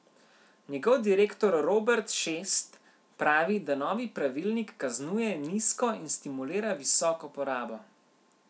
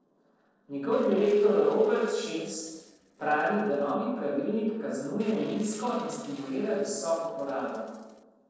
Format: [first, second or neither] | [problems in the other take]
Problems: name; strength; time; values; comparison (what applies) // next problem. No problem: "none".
first | noise reduction (neural separator model SepFormer DNS4)